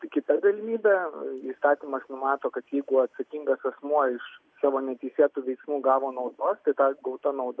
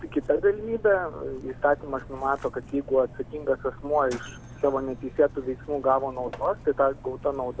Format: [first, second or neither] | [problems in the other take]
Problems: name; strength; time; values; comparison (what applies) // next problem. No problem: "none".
first | background sound (Mechanisms); 16 dB below the speech